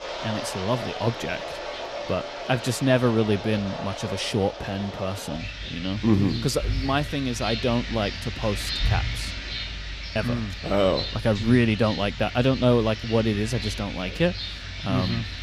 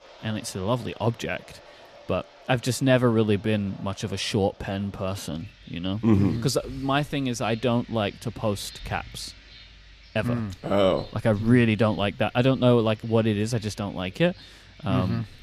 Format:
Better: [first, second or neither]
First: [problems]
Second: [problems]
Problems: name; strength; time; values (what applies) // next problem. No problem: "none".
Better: second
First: rain or running water; loud; throughout; 7 dB below the speech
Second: rain or running water; faint; throughout; 25 dB below the speech